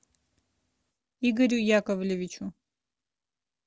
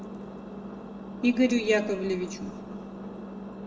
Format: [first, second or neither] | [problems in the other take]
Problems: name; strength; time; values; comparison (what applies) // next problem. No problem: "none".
first | background sound (Engine); 10 dB below the speech // room echo; dies away in 1.1 s